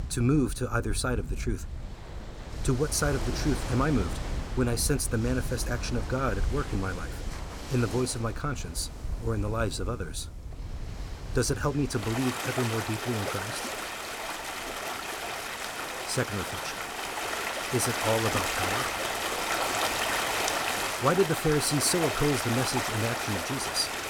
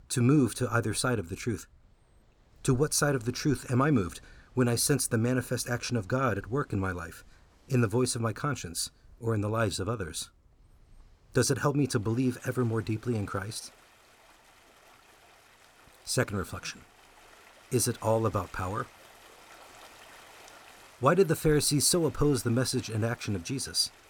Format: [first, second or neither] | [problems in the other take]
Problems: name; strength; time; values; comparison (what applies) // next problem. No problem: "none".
second | rain or running water; loud; throughout; 3 dB below the speech; faint in the second